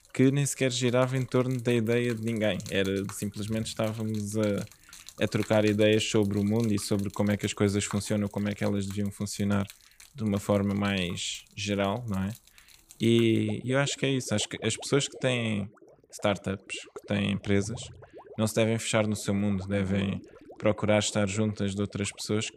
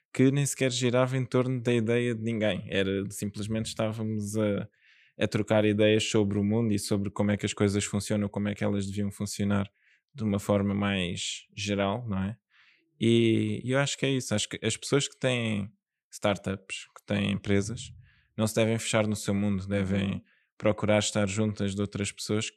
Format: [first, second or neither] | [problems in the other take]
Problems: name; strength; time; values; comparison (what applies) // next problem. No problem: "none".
second | rain or running water; faint; throughout; 20 dB below the speech